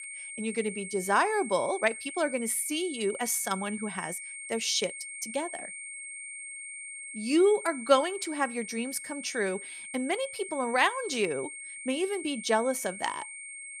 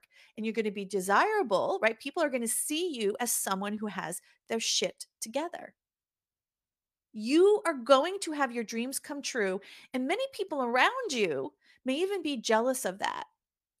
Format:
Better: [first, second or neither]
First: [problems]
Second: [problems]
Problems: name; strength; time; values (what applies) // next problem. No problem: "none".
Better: second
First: high-pitched whine; loud; throughout; 2 kHz, 9 dB below the speech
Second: none